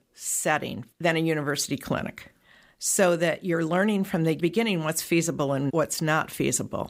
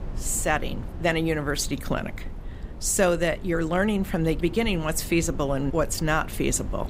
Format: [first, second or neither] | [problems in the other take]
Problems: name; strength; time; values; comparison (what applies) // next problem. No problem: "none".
first | wind noise on the microphone; occasional gusts; 20 dB below the speech